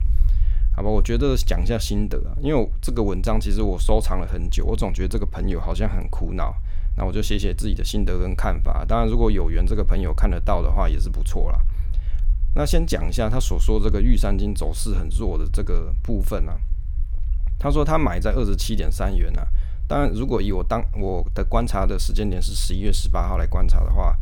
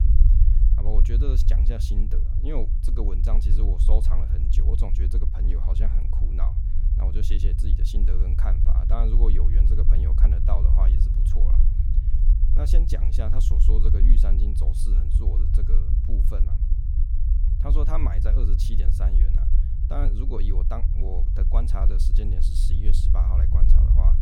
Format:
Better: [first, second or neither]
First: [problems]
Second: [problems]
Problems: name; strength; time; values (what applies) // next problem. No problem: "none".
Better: first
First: low rumble; faint; throughout; 20 dB below the speech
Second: low rumble; loud; throughout; 3 dB below the speech